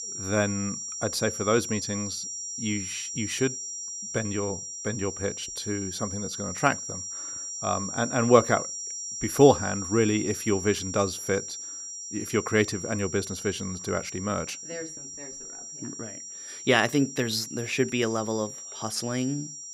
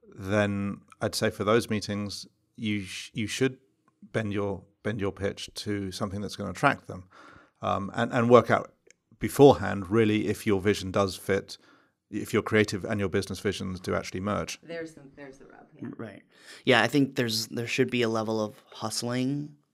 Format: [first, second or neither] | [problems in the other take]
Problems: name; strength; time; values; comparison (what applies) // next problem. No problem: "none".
second | high-pitched whine; loud; throughout; 5.5 kHz, 7 dB below the speech